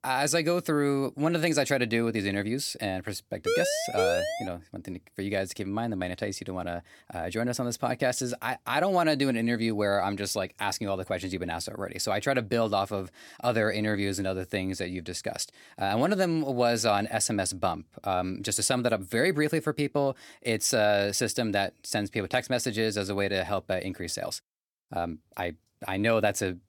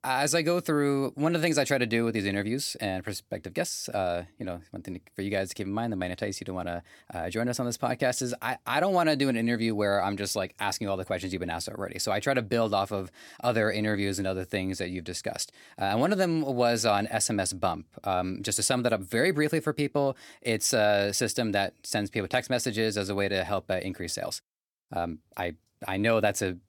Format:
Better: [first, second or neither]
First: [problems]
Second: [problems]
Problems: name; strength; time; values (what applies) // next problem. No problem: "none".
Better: second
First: siren; loud; from 3.5 to 4.5 s; peak 1 dB above the speech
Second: none